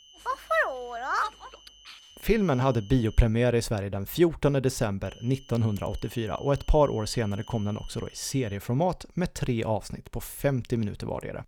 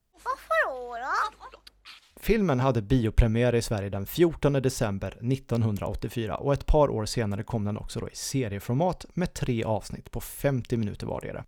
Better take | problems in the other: second | high-pitched whine; faint; until 3 s and from 5 to 8.5 s; 3 kHz, 25 dB below the speech

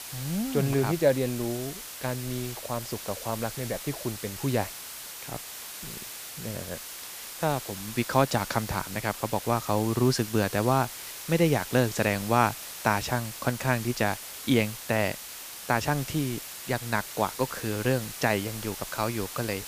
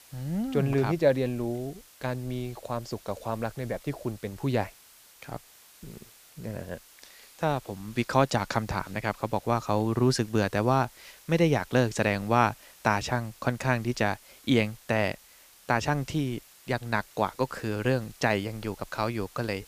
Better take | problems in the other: second | hiss; loud; throughout; 9 dB below the speech; faint in the second

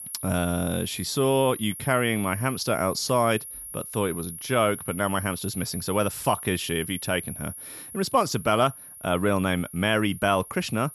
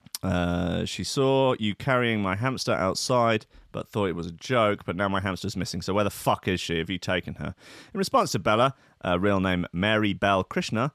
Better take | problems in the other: second | high-pitched whine; noticeable; throughout; 10.5 kHz, 10 dB below the speech

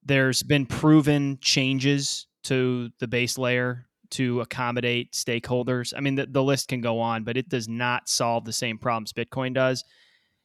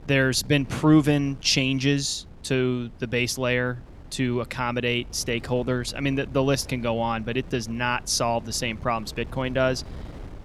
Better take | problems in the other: first | wind noise on the microphone; occasional gusts; 25 dB below the speech

